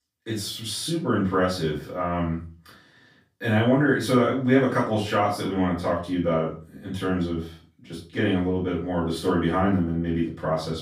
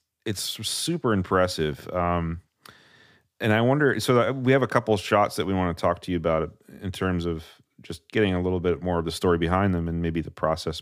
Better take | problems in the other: second | off-mic speech; far // room echo; noticeable; dies away in 0.3 s

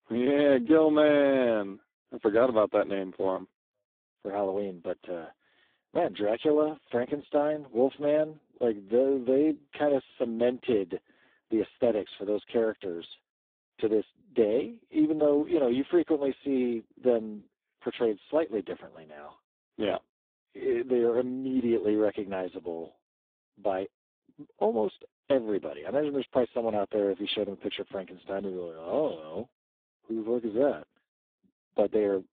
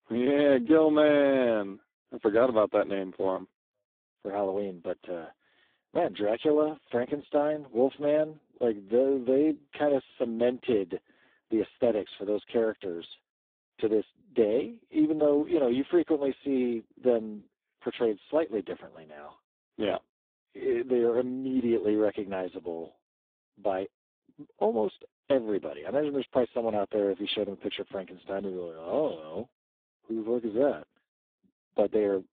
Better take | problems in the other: neither | phone-call audio; poor line; nothing above 3.5 kHz; the same in both

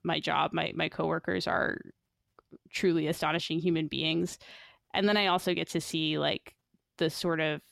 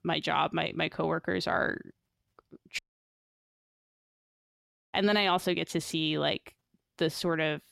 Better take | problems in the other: first | audio cutting out; at 3 s for 2 s

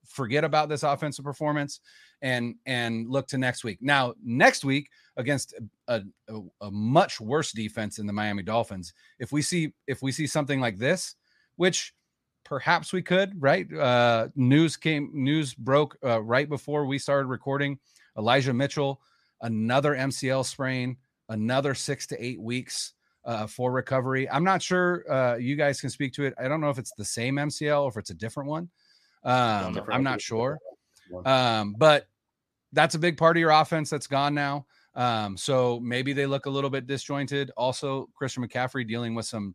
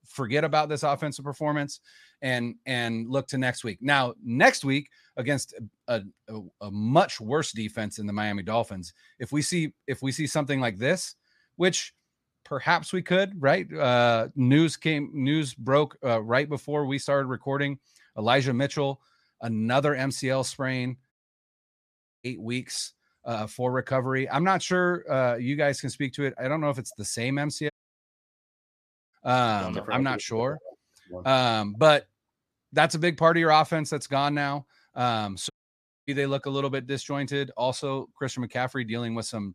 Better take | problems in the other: first | audio cutting out; at 21 s for 1 s, at 28 s for 1.5 s and at 36 s for 0.5 s

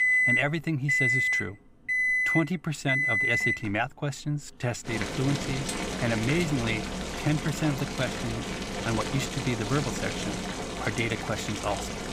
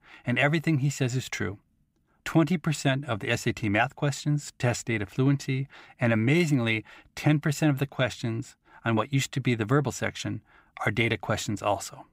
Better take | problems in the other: second | household noises; very loud; throughout; 2 dB above the speech

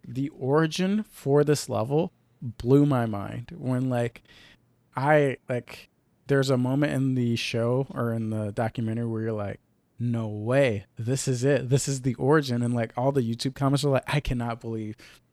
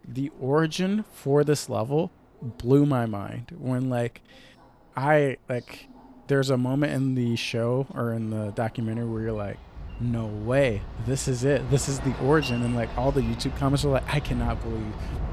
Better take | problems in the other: first | train or aircraft noise; noticeable; throughout; 10 dB below the speech

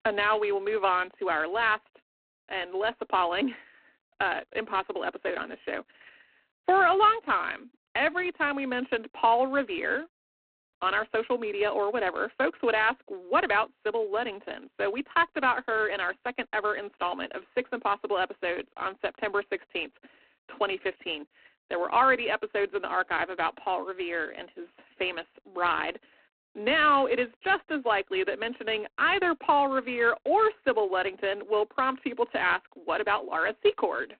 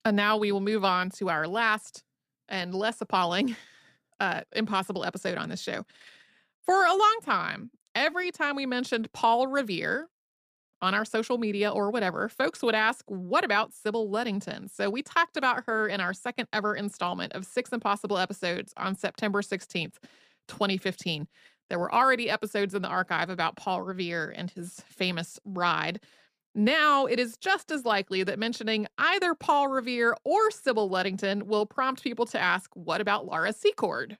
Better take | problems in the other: second | phone-call audio; poor line; nothing above 4 kHz

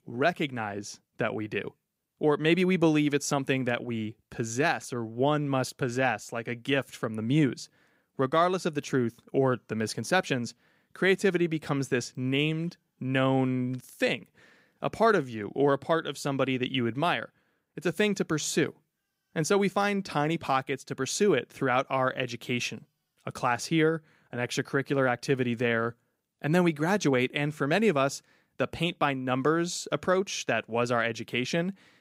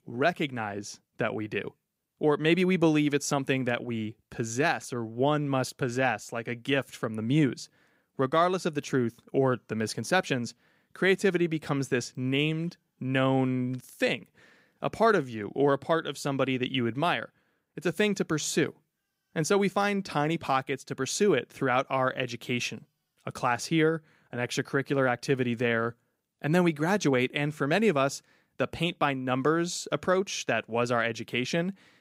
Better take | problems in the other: neither | none

